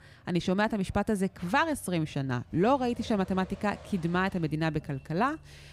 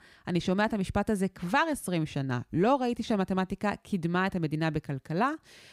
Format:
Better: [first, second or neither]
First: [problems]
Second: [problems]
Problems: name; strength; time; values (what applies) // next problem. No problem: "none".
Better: second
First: traffic noise; faint; throughout; 20 dB below the speech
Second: none